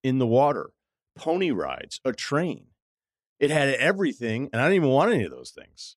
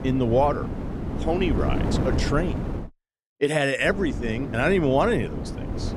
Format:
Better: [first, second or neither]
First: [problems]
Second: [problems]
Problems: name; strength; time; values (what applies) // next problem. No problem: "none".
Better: first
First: none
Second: wind noise on the microphone; occasional gusts; until 3 s and from 4 s on; 10 dB below the speech